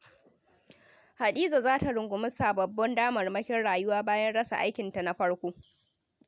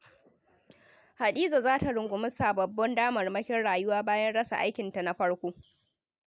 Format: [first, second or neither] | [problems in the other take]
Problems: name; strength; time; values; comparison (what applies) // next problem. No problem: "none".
first | noise reduction (neural mask model Resemble Enhance denoiser)